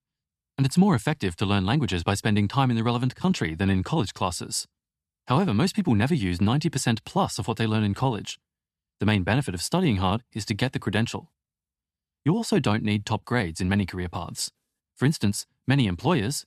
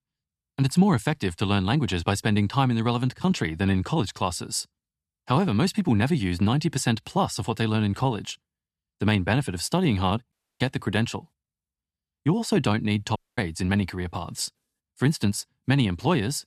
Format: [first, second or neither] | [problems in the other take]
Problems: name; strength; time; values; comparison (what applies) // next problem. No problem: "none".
first | audio cutting out; at 10 s and at 13 s